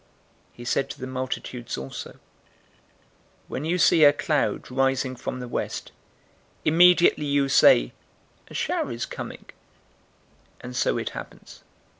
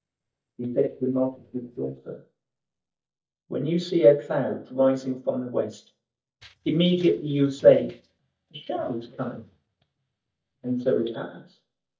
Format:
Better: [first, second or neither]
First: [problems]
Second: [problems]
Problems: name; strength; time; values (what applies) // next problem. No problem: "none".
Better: first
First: none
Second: noise reduction (neural mask model DeepFilterNet 3)